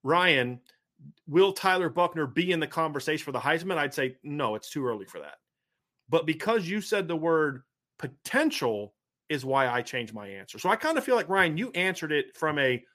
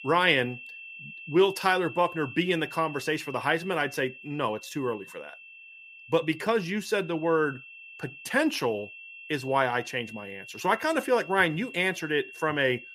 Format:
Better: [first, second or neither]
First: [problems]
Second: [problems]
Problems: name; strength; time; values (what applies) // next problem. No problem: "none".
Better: first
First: none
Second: high-pitched whine; noticeable; throughout; 2.5 kHz, 15 dB below the speech